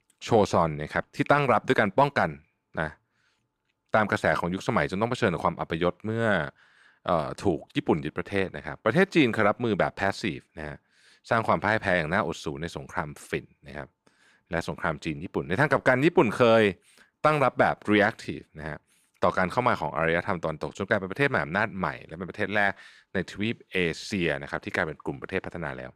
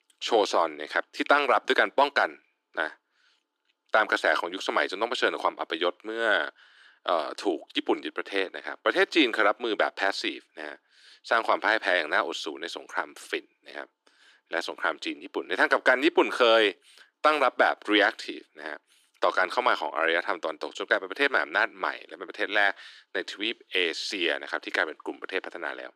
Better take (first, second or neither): first